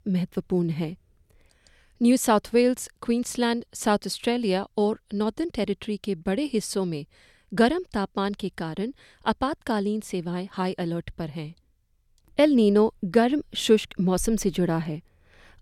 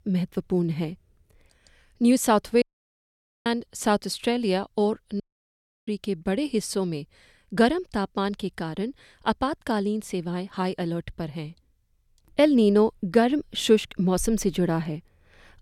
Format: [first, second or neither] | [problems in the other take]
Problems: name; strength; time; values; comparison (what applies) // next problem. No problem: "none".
first | audio cutting out; at 2.5 s for 1 s and at 5 s for 0.5 s